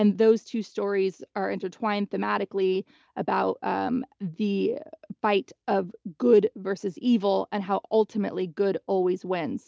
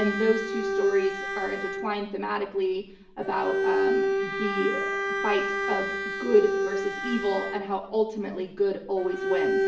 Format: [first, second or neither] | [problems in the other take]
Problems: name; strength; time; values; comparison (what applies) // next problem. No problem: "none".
first | background sound (Bowed string instrument); 1 dB below the speech // room echo; dies away in 0.7 s